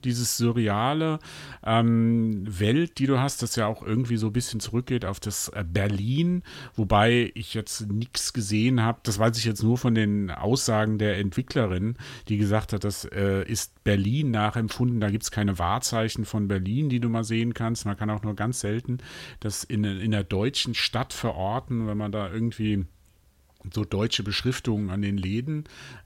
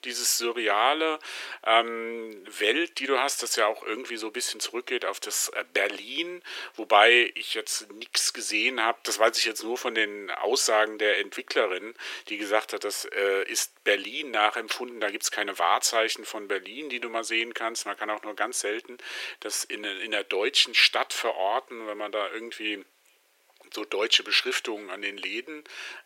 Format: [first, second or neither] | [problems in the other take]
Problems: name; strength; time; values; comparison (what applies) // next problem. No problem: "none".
first | thin; very; fading below 350 Hz